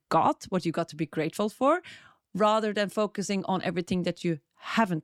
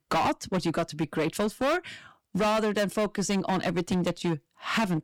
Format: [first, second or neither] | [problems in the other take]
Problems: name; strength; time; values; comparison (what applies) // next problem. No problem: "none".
first | distortion; heavy; 15% of the sound clipped